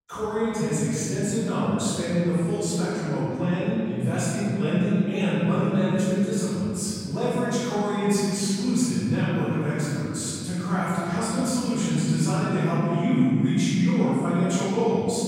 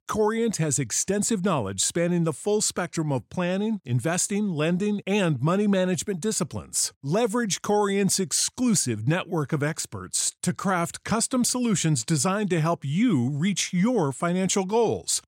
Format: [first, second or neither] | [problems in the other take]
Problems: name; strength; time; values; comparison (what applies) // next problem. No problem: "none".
second | room echo; strong; dies away in 3 s // off-mic speech; far